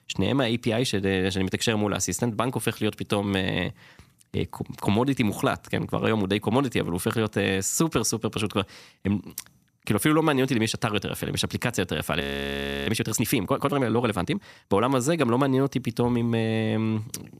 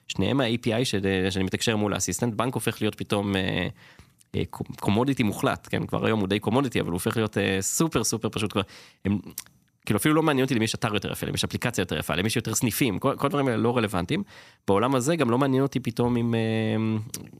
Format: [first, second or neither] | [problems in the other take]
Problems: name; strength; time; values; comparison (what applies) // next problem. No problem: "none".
second | audio freezing; at 12 s for 0.5 s